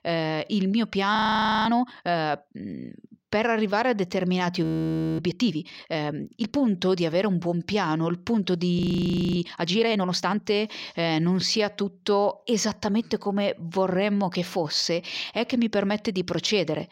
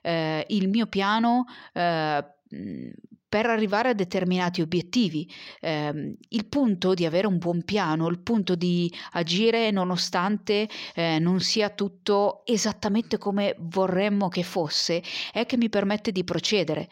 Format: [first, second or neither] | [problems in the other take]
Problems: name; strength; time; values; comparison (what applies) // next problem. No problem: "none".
second | audio freezing; at 1 s, at 4.5 s for 0.5 s and at 9 s for 0.5 s